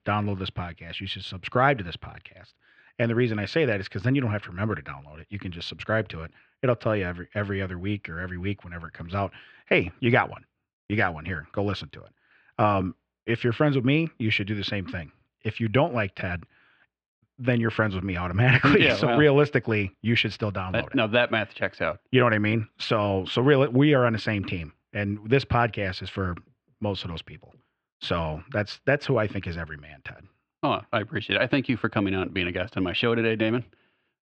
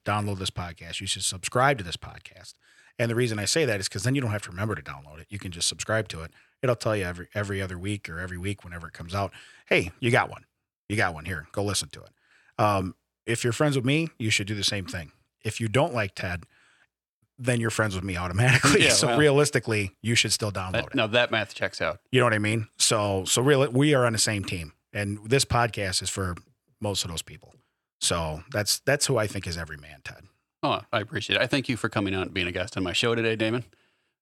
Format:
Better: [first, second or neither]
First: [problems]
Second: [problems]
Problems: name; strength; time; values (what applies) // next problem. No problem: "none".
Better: second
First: muffled; very; fading above 3.5 kHz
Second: none